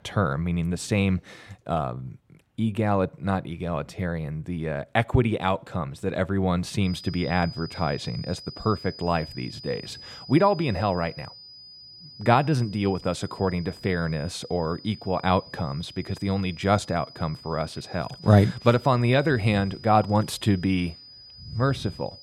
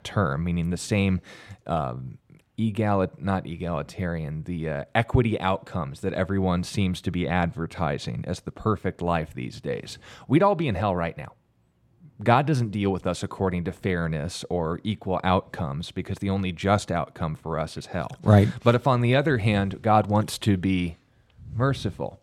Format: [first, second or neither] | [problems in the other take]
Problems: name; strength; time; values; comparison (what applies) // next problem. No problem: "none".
second | high-pitched whine; noticeable; from 7 s on; 5 kHz, 15 dB below the speech